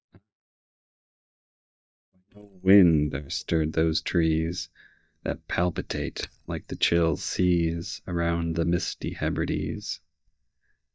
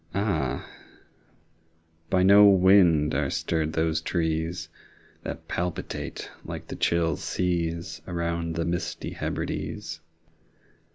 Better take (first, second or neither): second